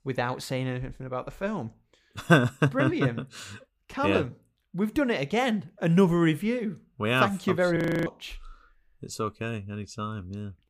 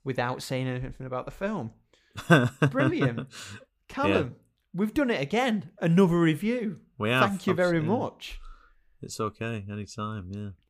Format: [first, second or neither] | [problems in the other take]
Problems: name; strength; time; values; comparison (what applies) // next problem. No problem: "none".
second | audio freezing; at 8 s